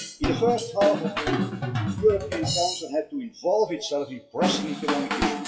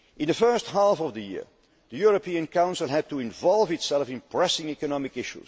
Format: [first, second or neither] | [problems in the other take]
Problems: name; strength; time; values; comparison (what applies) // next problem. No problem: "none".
second | noise reduction (classical method WPE with log-MMSE)